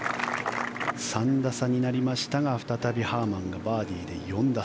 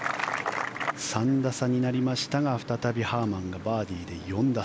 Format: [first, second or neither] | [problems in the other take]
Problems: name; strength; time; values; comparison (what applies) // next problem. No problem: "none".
second | background sound (Musical instrument); 13 dB below the speech